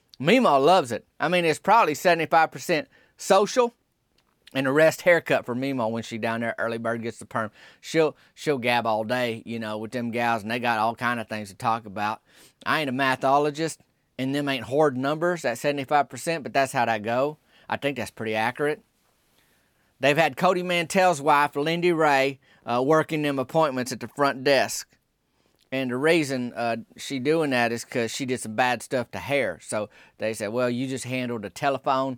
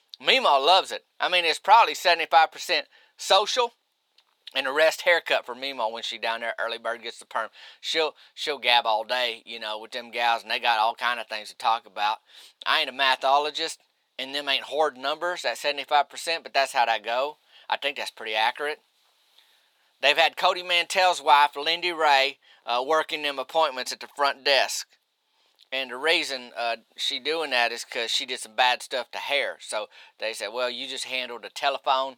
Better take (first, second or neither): first